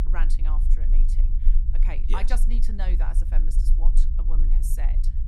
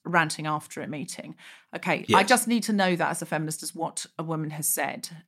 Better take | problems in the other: second | low rumble; loud; throughout; 9 dB below the speech

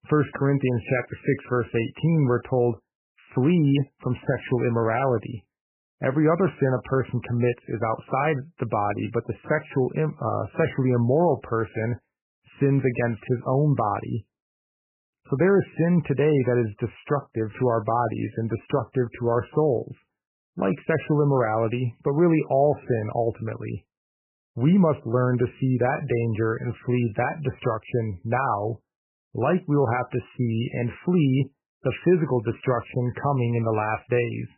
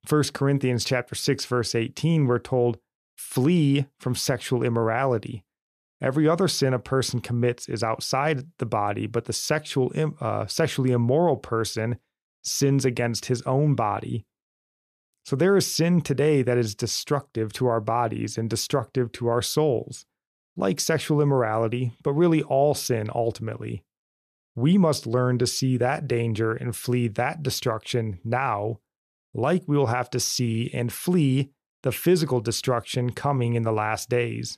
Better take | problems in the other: second | garbled, watery; badly; nothing above 3 kHz

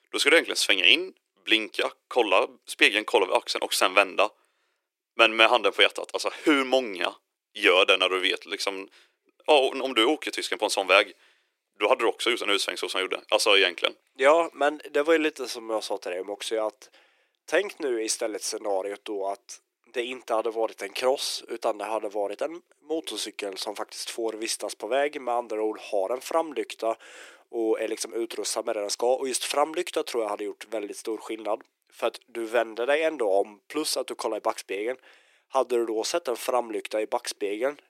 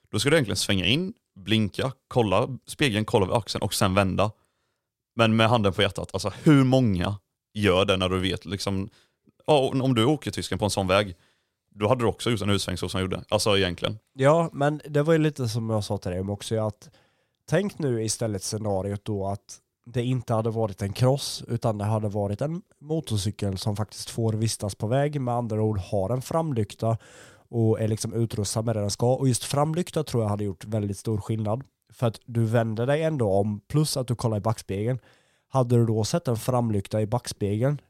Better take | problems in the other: second | thin; very; fading below 350 Hz

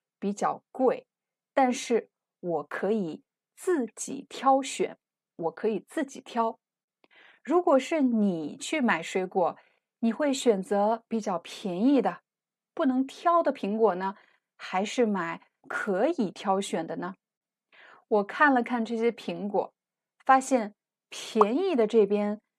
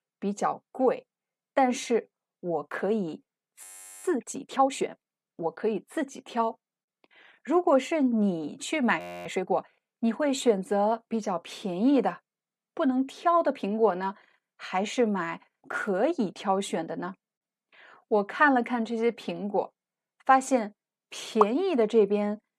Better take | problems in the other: first | audio freezing; at 3.5 s and at 9 s

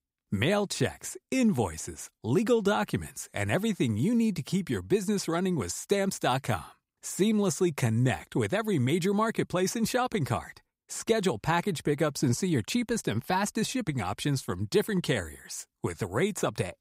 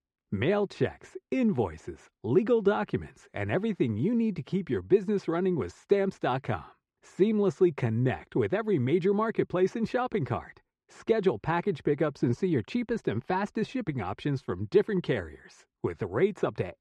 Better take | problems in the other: first | muffled; very; fading above 2.5 kHz

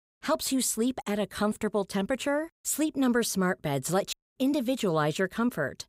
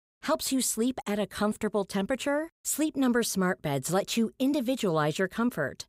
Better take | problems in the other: second | audio cutting out; at 4 s

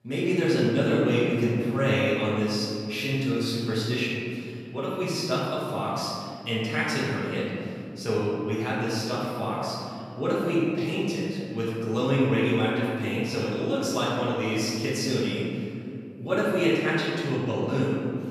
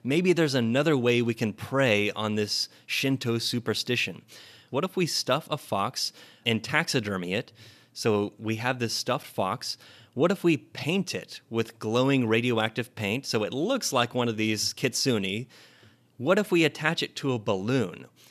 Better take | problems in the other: second | room echo; strong; dies away in 2.7 s // off-mic speech; far

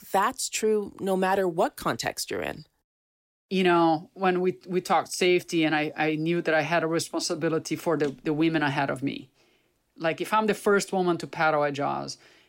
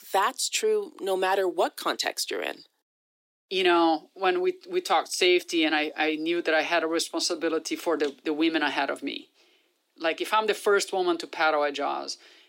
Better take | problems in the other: first | thin; somewhat; fading below 300 Hz

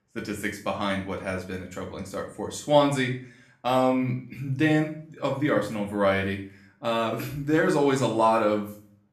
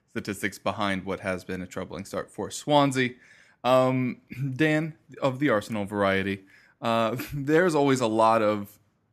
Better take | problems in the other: second | room echo; slight; dies away in 0.4 s // off-mic speech; somewhat distant

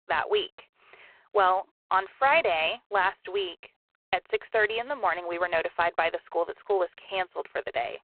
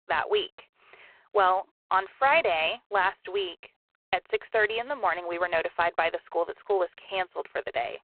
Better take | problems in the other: neither | phone-call audio; poor line; the same in both

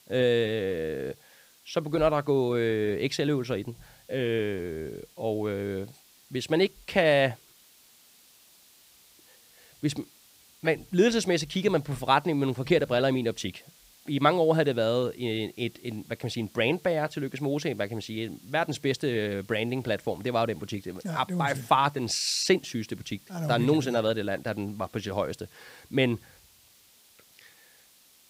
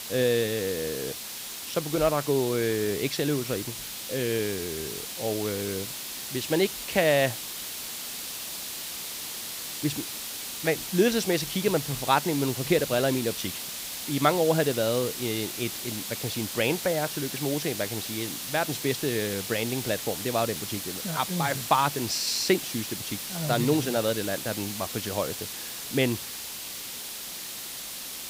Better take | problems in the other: first | hiss; loud; throughout; 5 dB below the speech; faint in the first

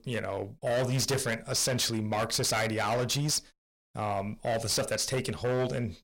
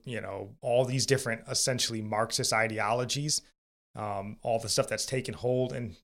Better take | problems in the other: second | distortion; heavy; 17% of the sound clipped

